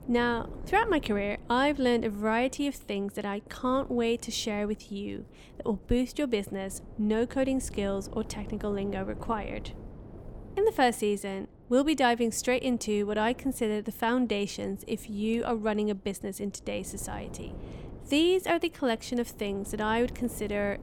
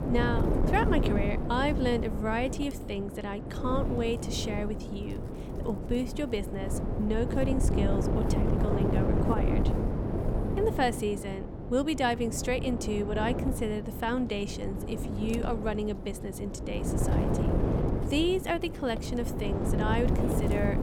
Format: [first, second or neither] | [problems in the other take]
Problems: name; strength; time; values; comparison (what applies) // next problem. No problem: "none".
first | wind noise on the microphone; heavy; 4 dB below the speech; occasional gusts in the first